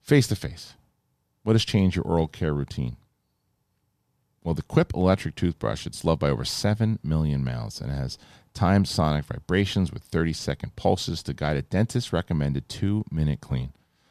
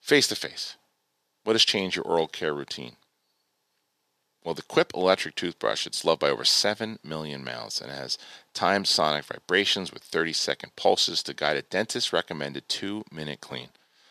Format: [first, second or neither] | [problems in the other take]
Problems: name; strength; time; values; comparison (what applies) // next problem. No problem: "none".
first | thin; very; fading below 450 Hz